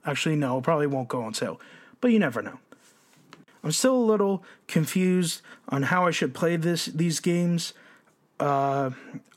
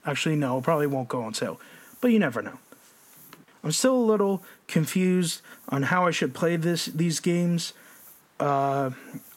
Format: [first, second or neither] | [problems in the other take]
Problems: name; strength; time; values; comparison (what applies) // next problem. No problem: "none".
first | hiss; faint; throughout; 30 dB below the speech